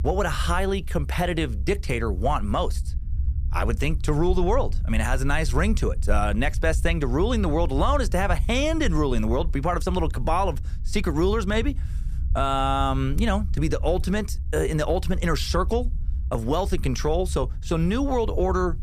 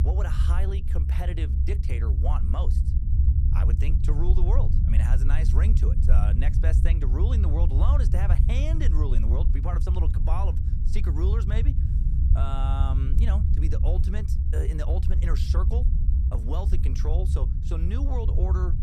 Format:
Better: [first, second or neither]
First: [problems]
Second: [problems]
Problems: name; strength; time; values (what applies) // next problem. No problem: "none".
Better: first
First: low rumble; faint; throughout; 20 dB below the speech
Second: low rumble; loud; throughout; 3 dB below the speech